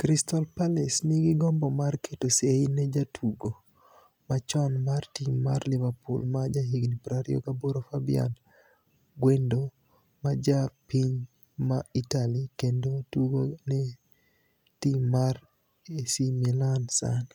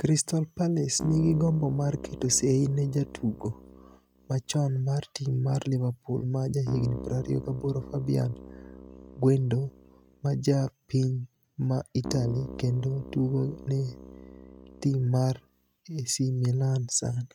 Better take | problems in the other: first | noise reduction (neural mask model RNNoise)

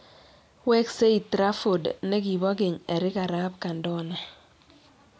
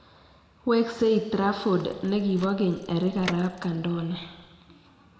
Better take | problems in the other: first | background sound (Door / Car); 16 dB below the speech // room echo; dies away in 1.9 s

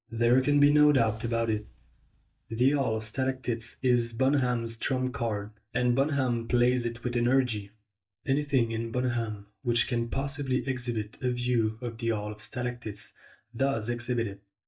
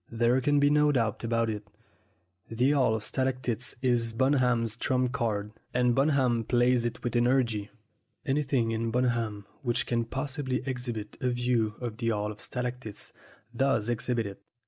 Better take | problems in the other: second | noise reduction (neural mask model DeepFilterNet 3)

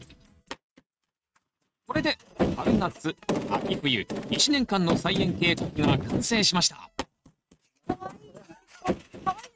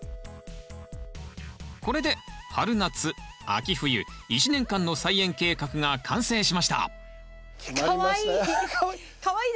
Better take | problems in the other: second | noise reduction (neural mask model RNNoise)

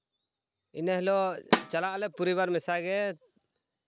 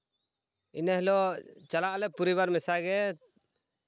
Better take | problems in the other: second | background sound (Snare drum); 2 dB below the speech

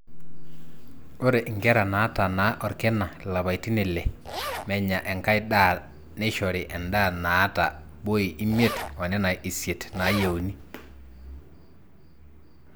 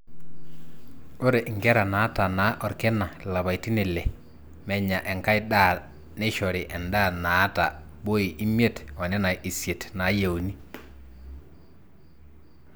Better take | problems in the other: second | background sound (Zipper (clothing)); 10 dB below the speech

